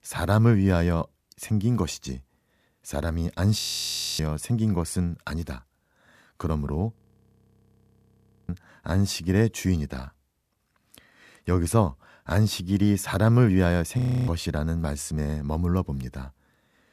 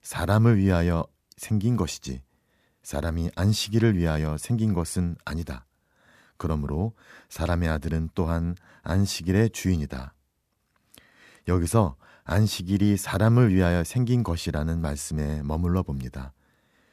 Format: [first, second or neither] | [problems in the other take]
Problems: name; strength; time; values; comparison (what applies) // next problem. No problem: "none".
second | audio freezing; at 3.5 s for 0.5 s, at 7 s for 1.5 s and at 14 s